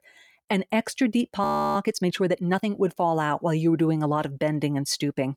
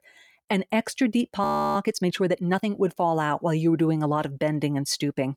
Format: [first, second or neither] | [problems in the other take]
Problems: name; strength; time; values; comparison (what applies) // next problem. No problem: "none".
neither | audio freezing; at 1.5 s; the same in both